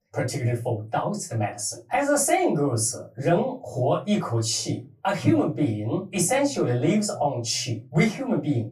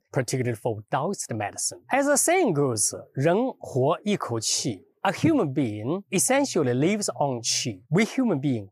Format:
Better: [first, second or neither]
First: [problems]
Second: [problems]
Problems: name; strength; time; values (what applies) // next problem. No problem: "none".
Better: second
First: off-mic speech; far // room echo; very slight; dies away in 0.2 s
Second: none